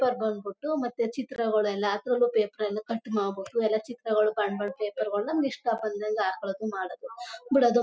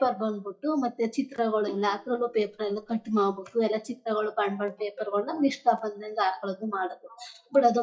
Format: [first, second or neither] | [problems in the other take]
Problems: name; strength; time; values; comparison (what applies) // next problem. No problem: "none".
first | noise reduction (neural mask model DeepFilterNet 3)